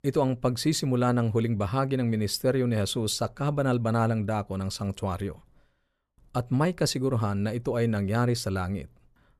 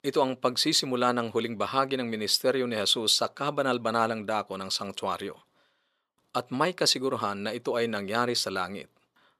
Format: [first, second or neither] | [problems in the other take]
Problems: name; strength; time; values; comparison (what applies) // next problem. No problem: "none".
first | thin; somewhat; fading below 300 Hz